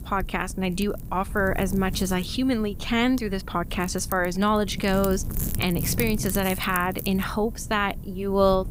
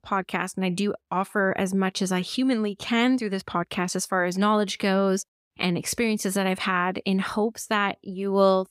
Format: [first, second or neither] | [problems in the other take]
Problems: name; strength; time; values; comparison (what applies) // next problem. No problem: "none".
second | wind noise on the microphone; occasional gusts; 15 dB below the speech